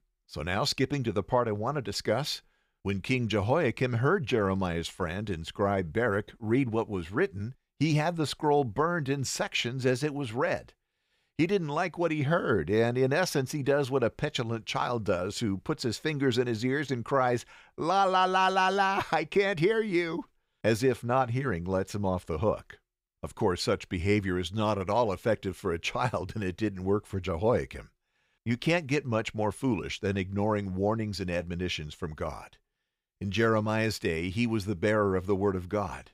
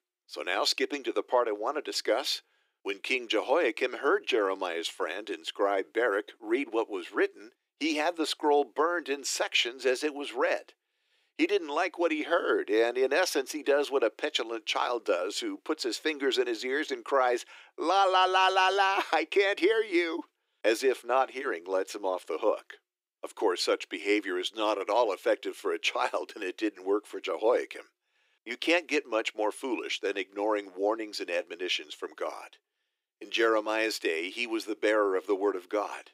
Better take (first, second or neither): first